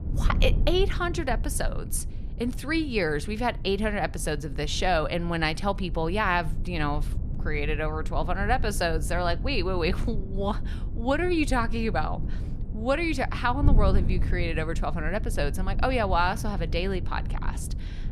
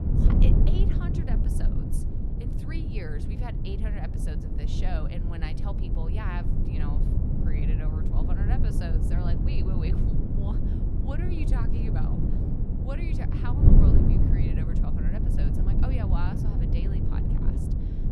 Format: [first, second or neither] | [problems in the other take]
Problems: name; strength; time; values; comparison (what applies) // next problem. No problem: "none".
first | wind noise on the microphone; heavy; 3 dB above the speech; occasional gusts in the first